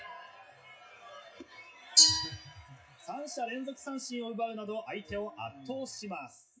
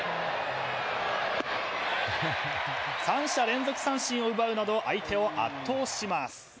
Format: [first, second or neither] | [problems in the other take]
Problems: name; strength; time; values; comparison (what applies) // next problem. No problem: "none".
second | noise reduction (classical method WPE with log-MMSE)